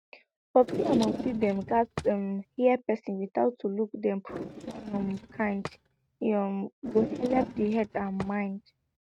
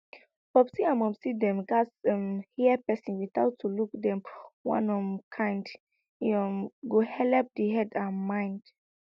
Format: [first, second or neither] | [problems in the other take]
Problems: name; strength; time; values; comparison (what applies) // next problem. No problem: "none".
second | noise reduction (neural mask model RNNoise)